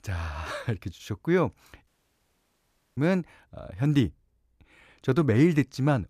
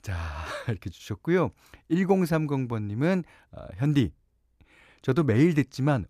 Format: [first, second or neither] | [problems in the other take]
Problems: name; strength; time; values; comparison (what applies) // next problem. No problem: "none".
second | audio cutting out; at 2 s for 1 s